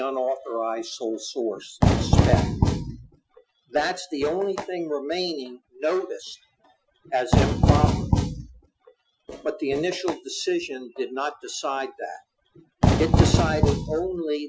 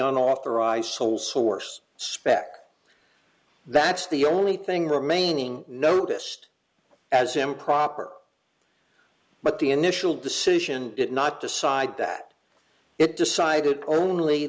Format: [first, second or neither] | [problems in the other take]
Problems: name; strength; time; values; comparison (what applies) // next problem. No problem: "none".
second | noise reduction (classical method Wiener filter)